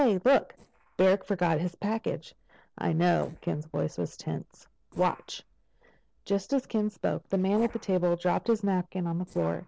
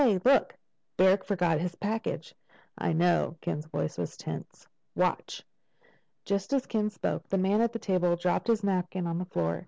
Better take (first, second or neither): second